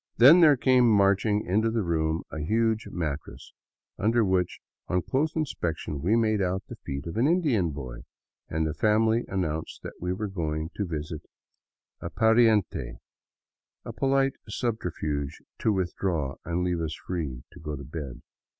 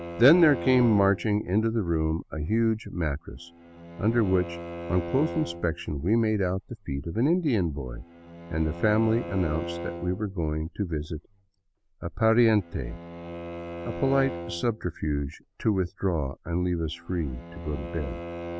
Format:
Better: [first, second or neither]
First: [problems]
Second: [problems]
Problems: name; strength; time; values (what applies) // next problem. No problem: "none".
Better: first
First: none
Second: background sound (Bowed string instrument); 13 dB below the speech